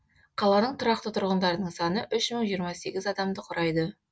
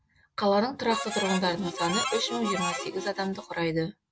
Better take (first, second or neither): first